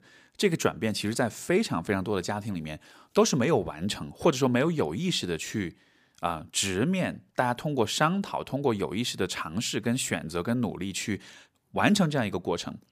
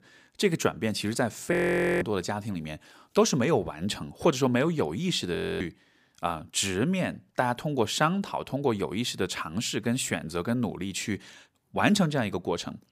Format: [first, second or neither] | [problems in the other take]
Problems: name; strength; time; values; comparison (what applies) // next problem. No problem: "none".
first | audio freezing; at 1.5 s and at 5.5 s